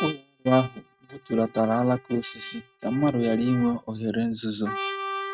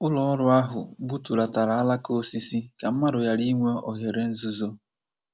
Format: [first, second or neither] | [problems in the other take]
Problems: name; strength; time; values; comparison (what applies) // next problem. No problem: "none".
second | noise reduction (neural mask model RNNoise)